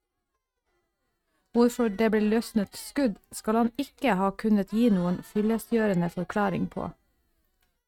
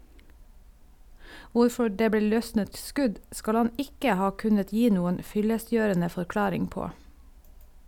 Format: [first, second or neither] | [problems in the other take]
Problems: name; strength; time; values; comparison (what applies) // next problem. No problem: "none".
second | noise reduction (neural mask model RNNoise)